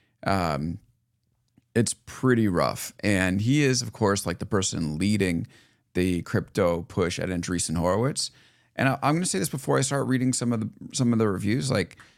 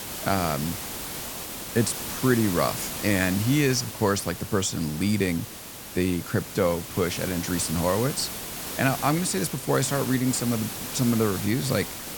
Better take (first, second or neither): first